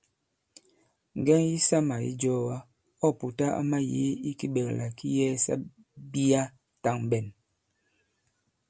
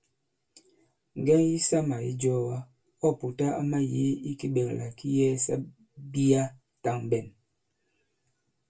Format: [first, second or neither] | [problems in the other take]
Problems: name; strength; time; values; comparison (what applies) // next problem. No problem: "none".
first | room echo; dies away in 0.1 s